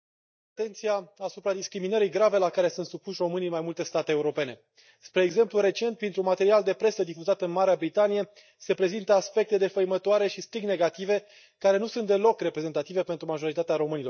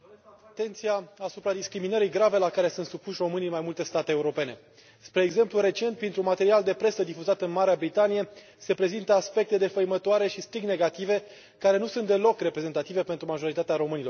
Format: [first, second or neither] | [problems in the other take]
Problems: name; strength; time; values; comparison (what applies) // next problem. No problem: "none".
second | noise reduction (neural mask model DeepFilterNet 3)